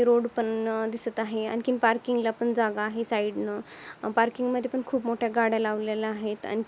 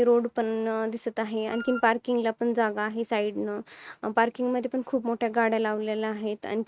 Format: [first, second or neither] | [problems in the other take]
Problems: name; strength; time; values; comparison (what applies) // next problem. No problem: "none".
first | noise reduction (neural mask model RNNoise)